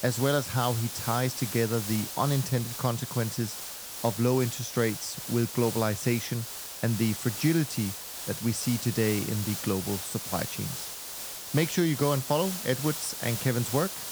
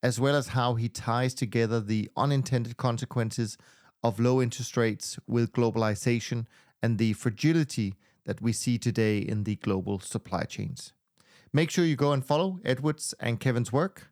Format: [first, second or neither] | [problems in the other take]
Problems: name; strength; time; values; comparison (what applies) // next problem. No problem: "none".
second | hiss; loud; throughout; 5 dB below the speech